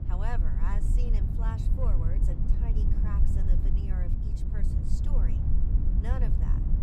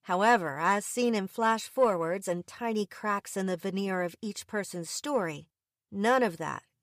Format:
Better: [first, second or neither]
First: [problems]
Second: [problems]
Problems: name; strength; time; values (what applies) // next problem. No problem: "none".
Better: second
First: low rumble; loud; throughout; as loud as the speech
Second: none